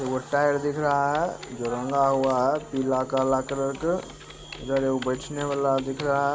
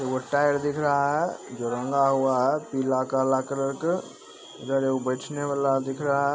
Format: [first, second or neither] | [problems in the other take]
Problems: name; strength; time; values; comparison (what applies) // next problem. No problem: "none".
second | background sound (Typing); 19 dB below the speech